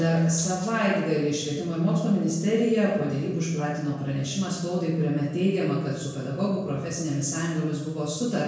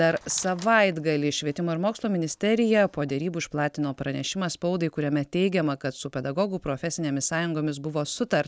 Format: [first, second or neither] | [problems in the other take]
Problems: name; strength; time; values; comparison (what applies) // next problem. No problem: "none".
second | room echo; dies away in 1 s